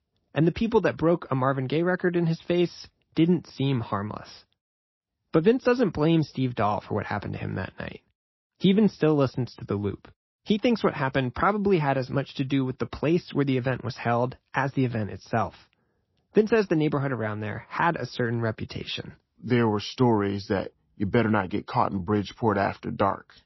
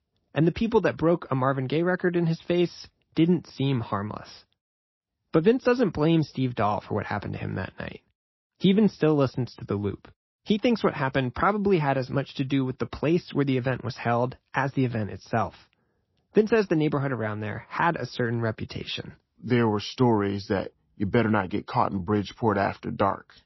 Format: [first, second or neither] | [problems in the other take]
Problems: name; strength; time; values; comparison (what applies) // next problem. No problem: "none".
neither | garbled, watery; slightly; nothing above 5.5 kHz; the same in both